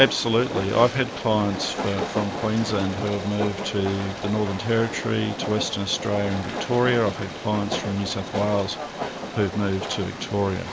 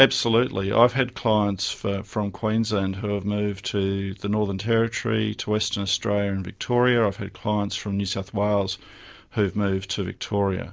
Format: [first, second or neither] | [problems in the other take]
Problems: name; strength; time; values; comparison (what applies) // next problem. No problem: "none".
second | background sound (Train); 7 dB below the speech